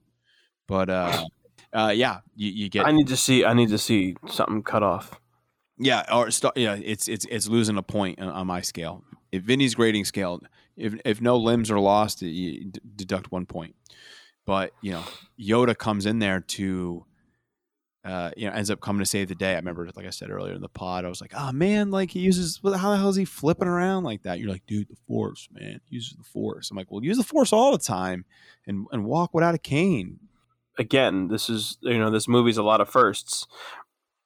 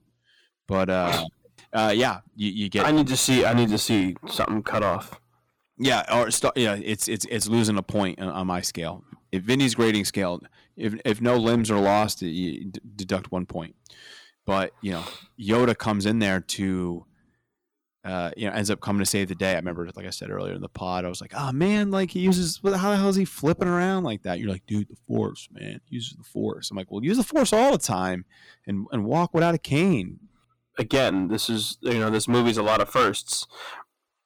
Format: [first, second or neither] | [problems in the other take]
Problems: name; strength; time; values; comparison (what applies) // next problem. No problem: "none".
first | distortion; slight; 5% of the sound clipped